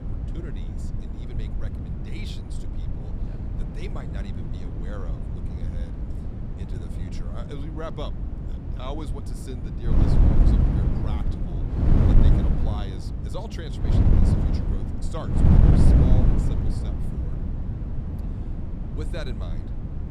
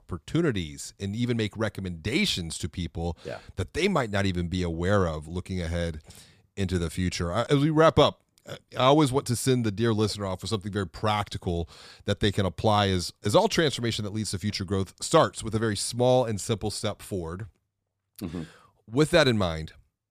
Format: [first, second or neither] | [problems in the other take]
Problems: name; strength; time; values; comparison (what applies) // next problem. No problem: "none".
second | wind noise on the microphone; heavy; 5 dB above the speech